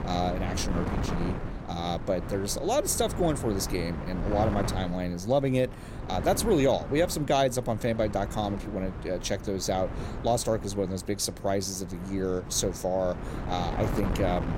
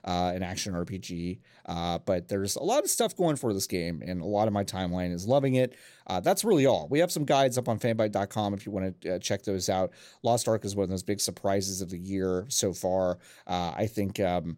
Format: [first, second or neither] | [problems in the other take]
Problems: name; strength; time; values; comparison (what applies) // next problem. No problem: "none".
second | wind noise on the microphone; occasional gusts; 10 dB below the speech